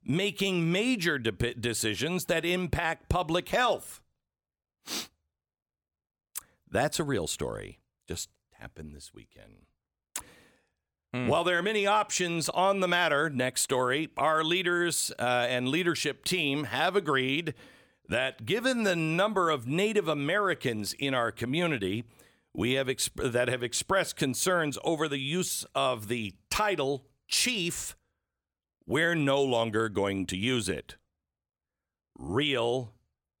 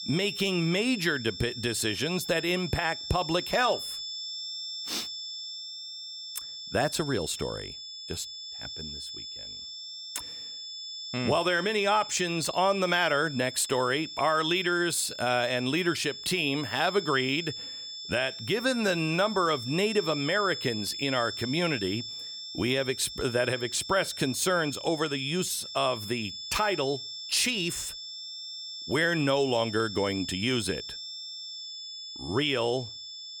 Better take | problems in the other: first | high-pitched whine; loud; throughout; 5.5 kHz, 9 dB below the speech

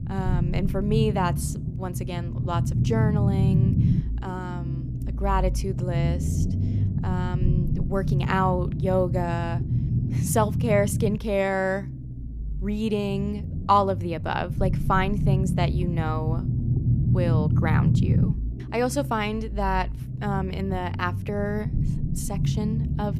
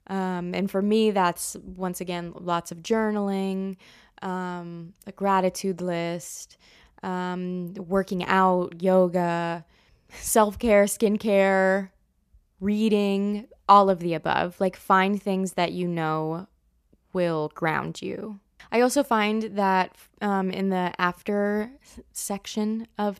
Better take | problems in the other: second | low rumble; loud; throughout; 9 dB below the speech

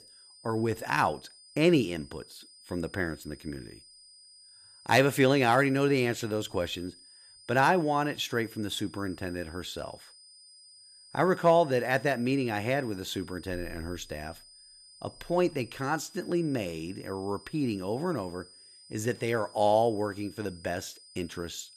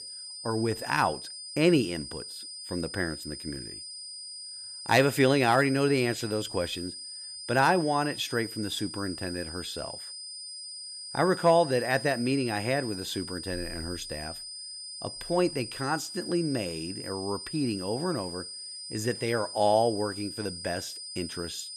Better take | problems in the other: first | high-pitched whine; loud; throughout; 5 kHz, 10 dB below the speech; faint in the first

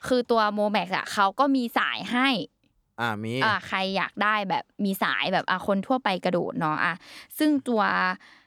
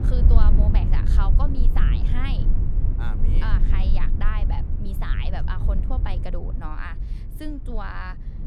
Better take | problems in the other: first | low rumble; loud; throughout; 4 dB below the speech

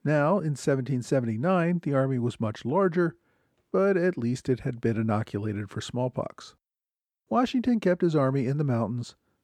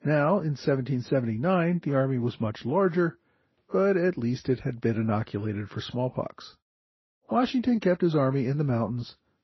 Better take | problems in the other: first | garbled, watery; slightly; nothing above 6 kHz

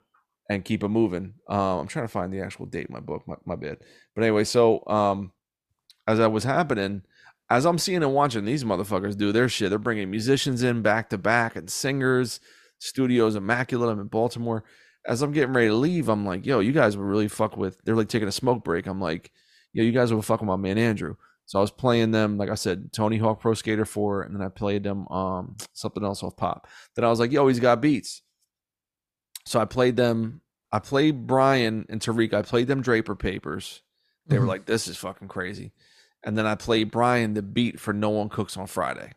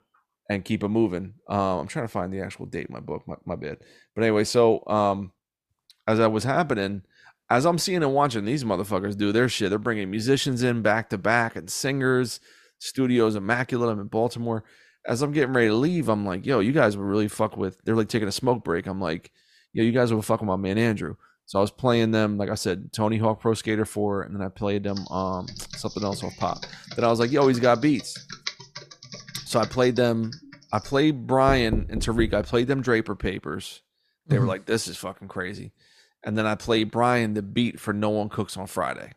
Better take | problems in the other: first | keyboard typing; noticeable; from 25 to 31 s; peak 9 dB below the speech // door banging; noticeable; at 31 s; peak 5 dB below the speech

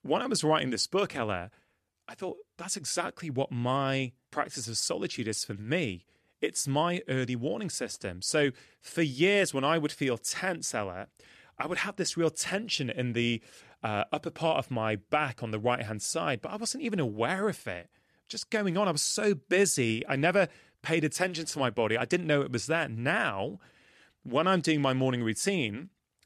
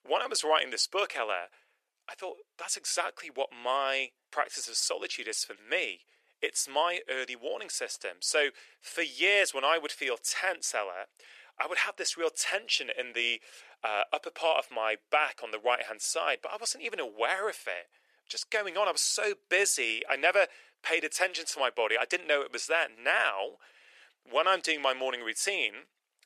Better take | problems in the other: first | thin; very; fading below 450 Hz

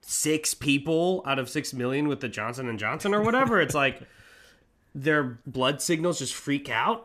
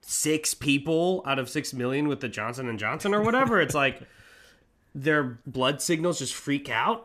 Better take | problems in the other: neither | none

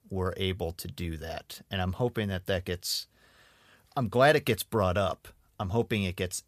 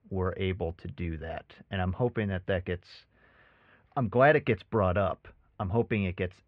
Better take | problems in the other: first | muffled; very; fading above 2.5 kHz

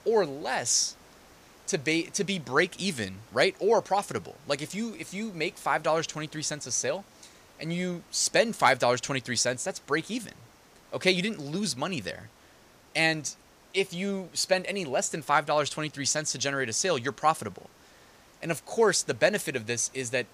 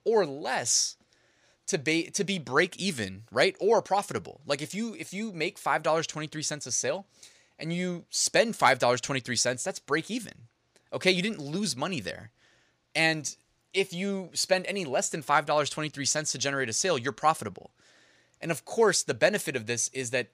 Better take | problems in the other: second | hiss; faint; throughout; 25 dB below the speech

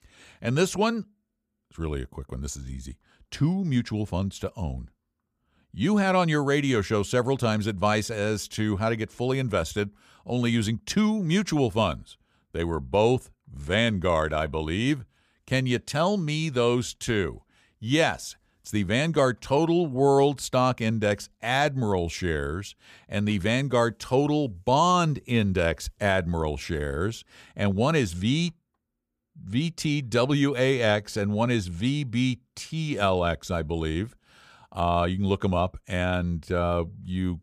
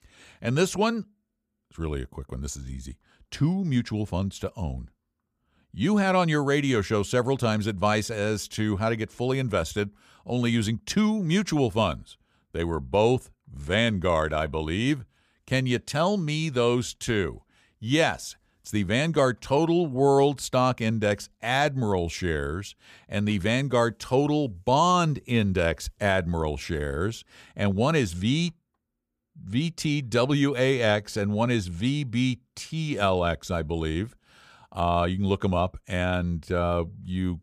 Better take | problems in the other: neither | none

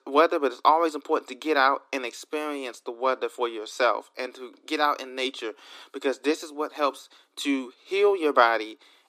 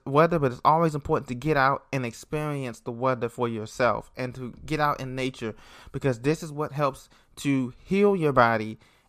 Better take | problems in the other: second | thin; very slightly; fading below 300 Hz

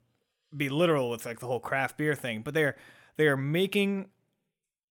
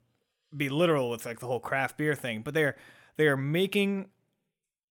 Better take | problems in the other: neither | none

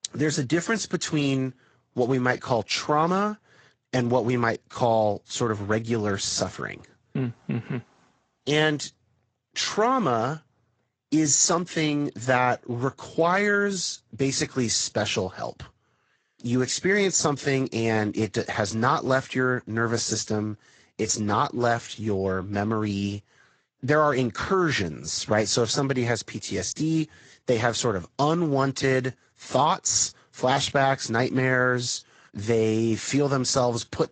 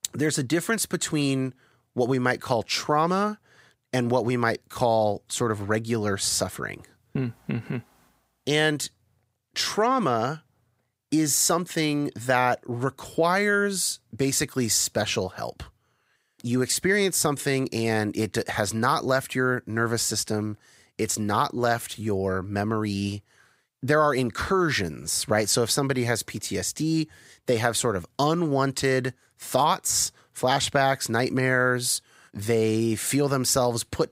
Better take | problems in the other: second | garbled, watery; slightly; nothing above 7.5 kHz

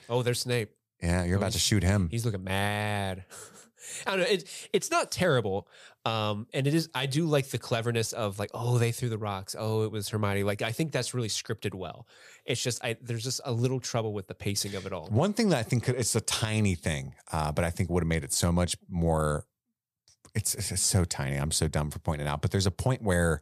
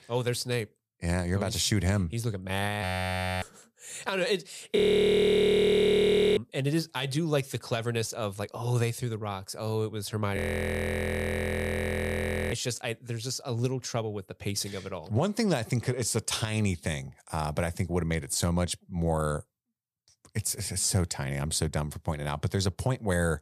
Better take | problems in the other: first | audio freezing; at 3 s for 0.5 s, at 5 s for 1.5 s and at 10 s for 2 s

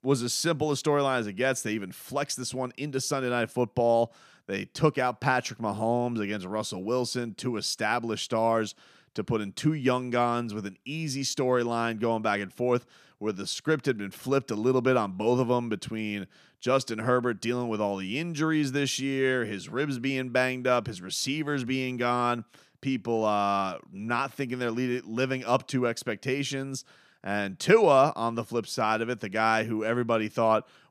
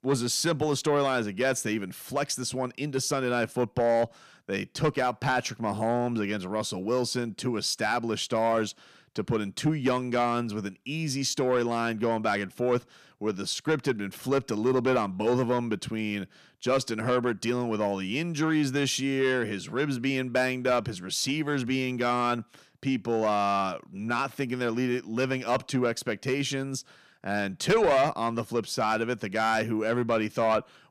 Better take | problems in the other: first | distortion; slight; 10 dB below the speech

